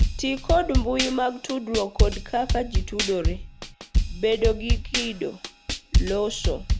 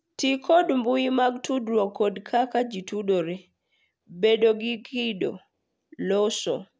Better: second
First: background sound (Drum kit); 2 dB above the speech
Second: none

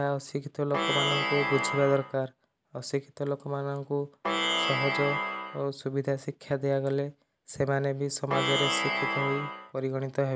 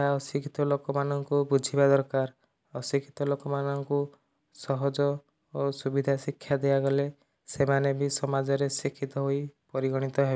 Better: second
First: background sound (Plucked string instrument); 1 dB above the speech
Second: none

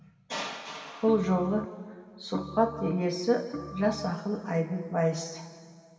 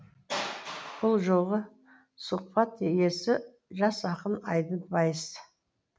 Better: second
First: background sound (Organ); 12 dB below the speech // room echo; dies away in 3 s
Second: none

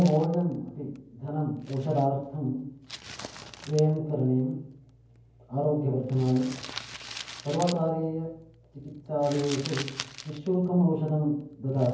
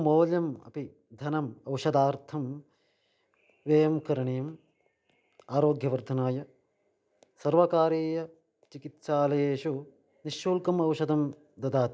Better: second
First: background sound (Crumpling, crinkling); 16 dB below the speech // room echo; dies away in 0.9 s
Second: none

